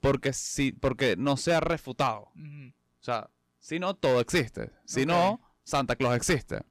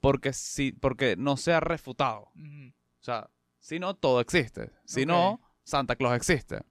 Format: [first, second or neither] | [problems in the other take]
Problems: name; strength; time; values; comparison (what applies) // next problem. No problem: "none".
second | distortion; slight; 5% of the sound clipped